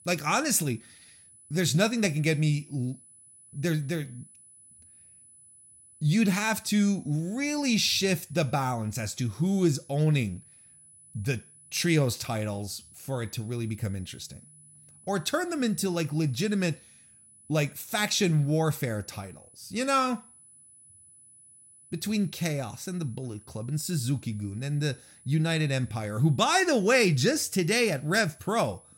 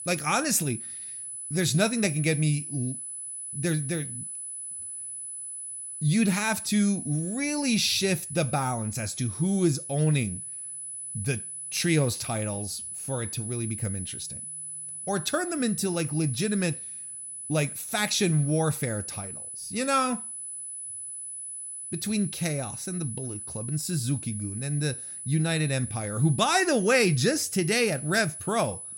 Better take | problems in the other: first | high-pitched whine; loud; throughout; 10 kHz, 8 dB below the speech; faint in the first

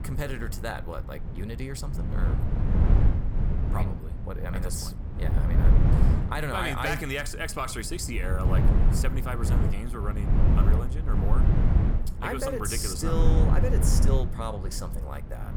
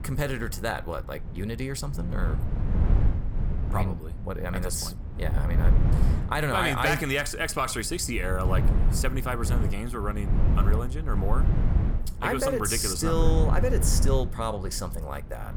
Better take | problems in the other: second | wind noise on the microphone; heavy; 5 dB below the speech; occasional gusts in the second

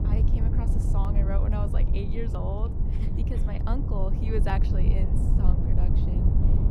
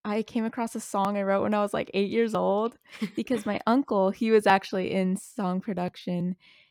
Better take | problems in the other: second | low rumble; loud; throughout; 2 dB below the speech

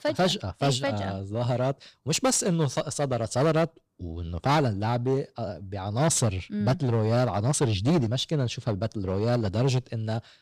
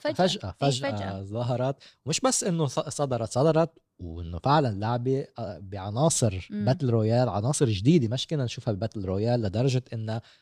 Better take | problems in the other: second | distortion; slight; 7% of the sound clipped

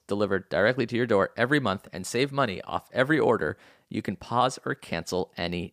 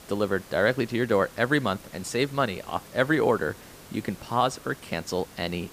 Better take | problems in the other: first | hiss; noticeable; throughout; 20 dB below the speech

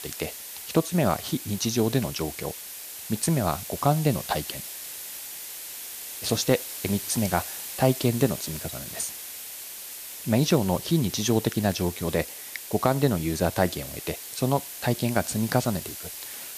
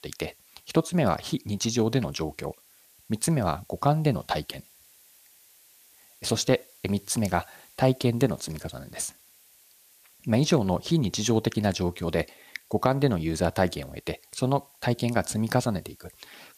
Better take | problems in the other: second | hiss; loud; throughout; 9 dB below the speech; faint in the second

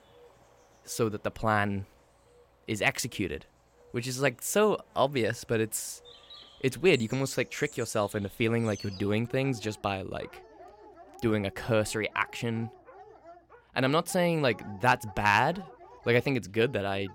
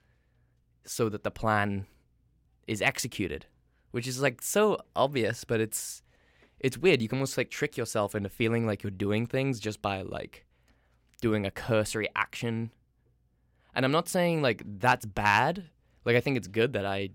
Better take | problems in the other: second | animal sounds; faint; throughout; 20 dB below the speech

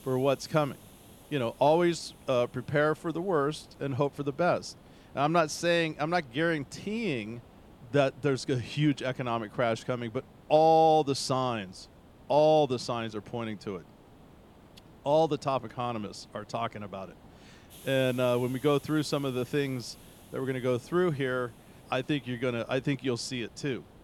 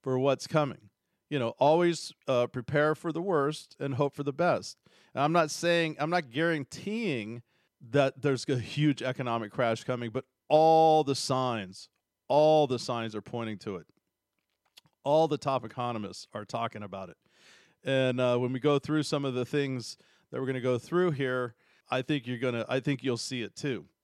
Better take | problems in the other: second | hiss; faint; throughout; 25 dB below the speech

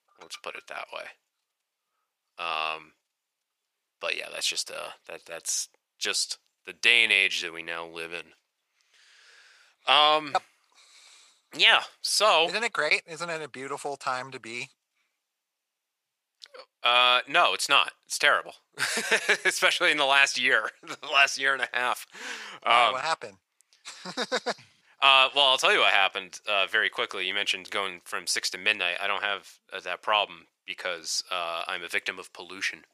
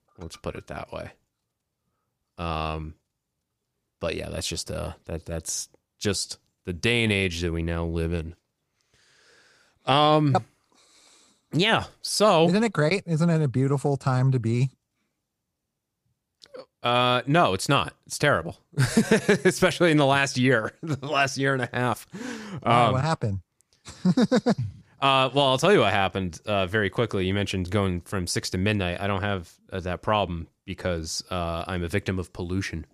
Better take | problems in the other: second | thin; very; fading below 750 Hz

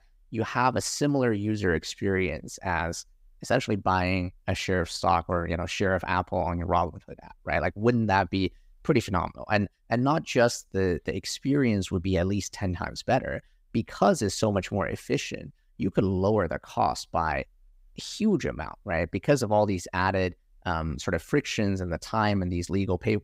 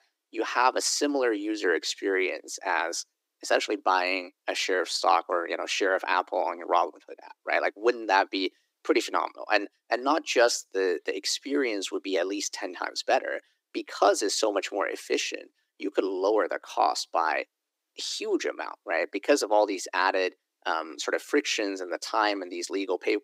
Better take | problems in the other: first | thin; somewhat; fading below 300 Hz

